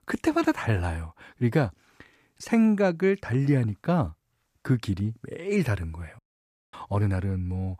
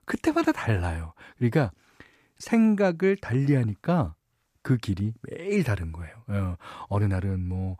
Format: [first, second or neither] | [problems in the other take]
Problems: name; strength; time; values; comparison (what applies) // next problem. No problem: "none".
second | audio cutting out; at 6 s for 0.5 s